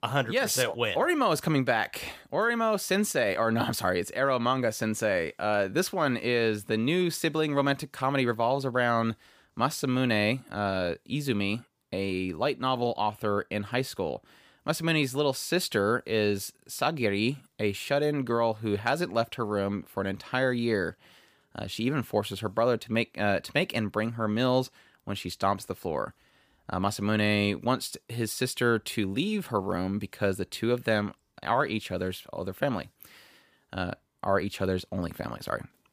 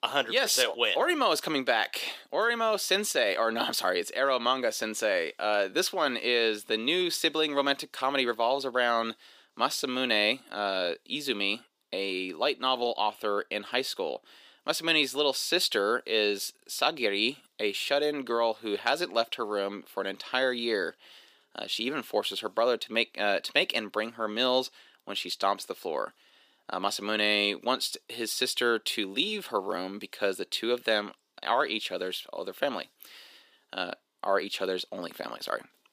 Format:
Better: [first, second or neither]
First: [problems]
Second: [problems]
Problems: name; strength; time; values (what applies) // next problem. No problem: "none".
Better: first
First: none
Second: thin; somewhat; fading below 300 Hz